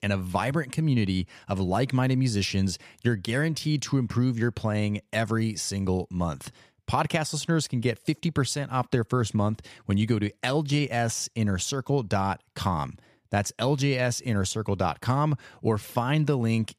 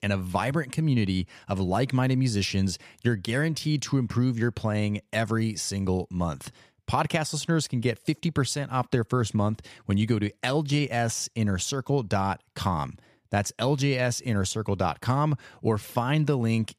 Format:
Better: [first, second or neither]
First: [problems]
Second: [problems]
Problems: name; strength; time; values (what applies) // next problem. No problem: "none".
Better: neither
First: none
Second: none